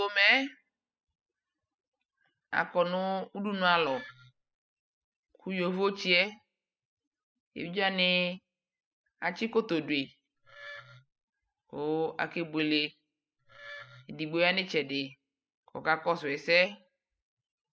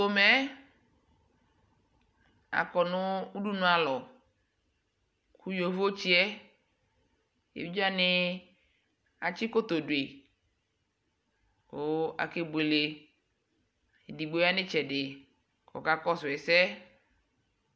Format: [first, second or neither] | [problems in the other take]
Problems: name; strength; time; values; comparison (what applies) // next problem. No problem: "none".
second | noise reduction (classical method spectral subtraction)